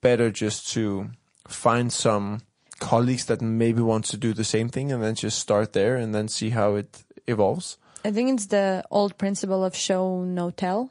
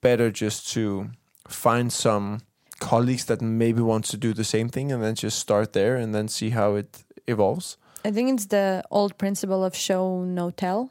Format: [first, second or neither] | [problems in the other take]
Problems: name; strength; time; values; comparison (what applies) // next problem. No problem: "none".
second | garbled, watery; slightly; nothing above 10.5 kHz